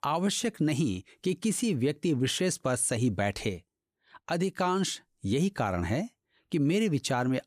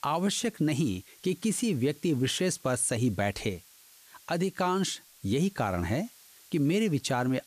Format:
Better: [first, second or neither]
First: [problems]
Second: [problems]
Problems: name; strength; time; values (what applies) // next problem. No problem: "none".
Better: first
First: none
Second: hiss; faint; throughout; 25 dB below the speech